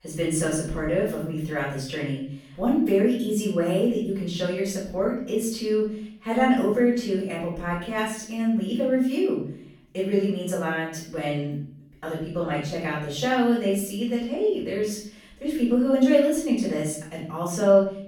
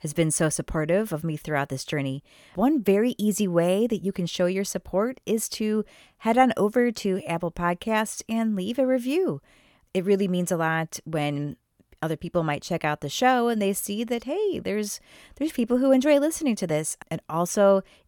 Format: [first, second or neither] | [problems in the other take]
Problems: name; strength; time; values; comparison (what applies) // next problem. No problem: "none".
second | room echo; noticeable; dies away in 0.6 s // off-mic speech; far